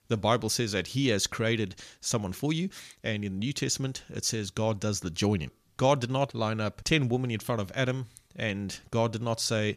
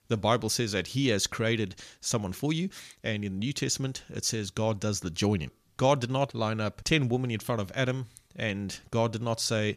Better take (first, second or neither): neither